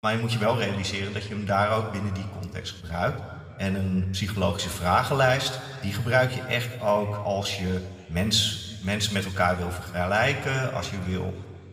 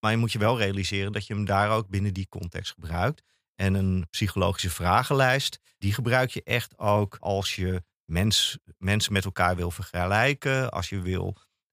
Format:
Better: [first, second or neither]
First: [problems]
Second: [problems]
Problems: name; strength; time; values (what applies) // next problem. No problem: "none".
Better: second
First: room echo; slight; dies away in 1.5 s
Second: none